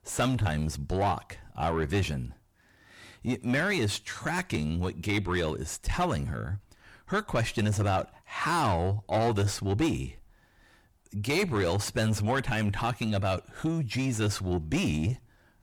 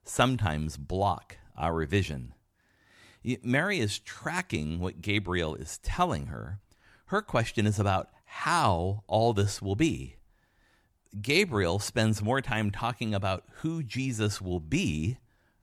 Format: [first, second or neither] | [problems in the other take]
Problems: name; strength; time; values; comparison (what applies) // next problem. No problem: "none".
second | distortion; heavy; 7 dB below the speech